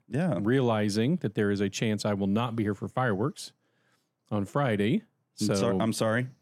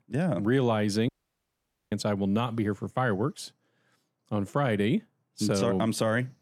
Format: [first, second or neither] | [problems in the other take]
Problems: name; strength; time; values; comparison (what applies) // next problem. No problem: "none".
first | audio cutting out; at 1 s for 1 s